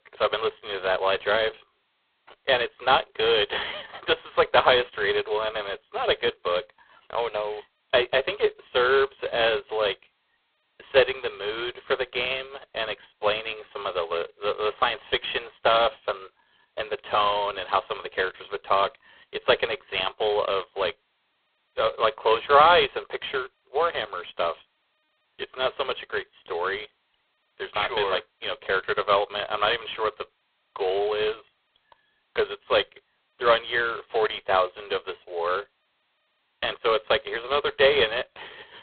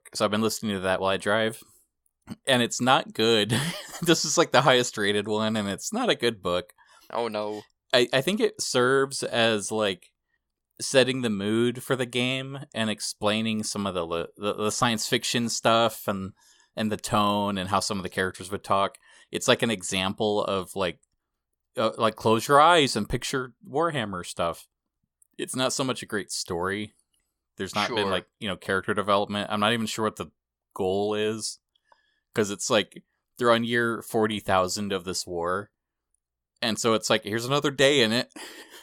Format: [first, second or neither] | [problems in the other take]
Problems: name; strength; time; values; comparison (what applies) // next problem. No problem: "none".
second | phone-call audio; poor line